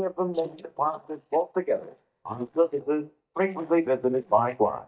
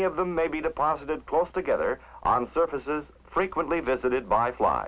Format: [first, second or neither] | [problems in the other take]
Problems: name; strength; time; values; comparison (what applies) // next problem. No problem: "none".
second | noise reduction (neural mask model DeepFilterNet 3)